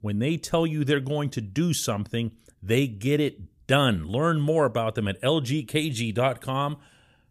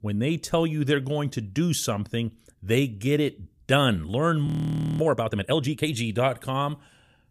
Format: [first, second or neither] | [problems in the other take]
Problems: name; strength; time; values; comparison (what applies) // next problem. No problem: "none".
first | audio freezing; at 4.5 s for 0.5 s